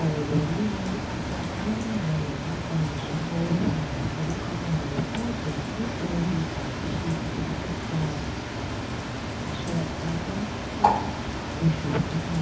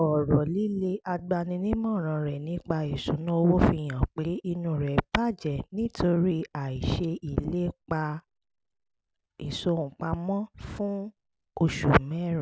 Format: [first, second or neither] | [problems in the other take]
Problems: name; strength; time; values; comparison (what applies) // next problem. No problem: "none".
second | background sound (Bird); as loud as the speech // room echo; dies away in 0.4 s